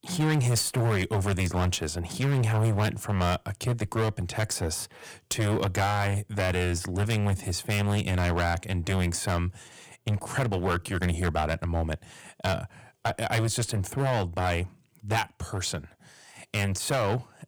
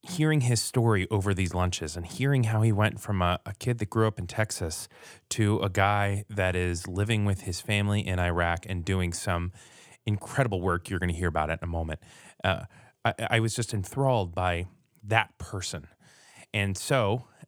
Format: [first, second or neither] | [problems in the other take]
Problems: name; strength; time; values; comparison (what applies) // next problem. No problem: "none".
second | distortion; heavy; 12% of the sound clipped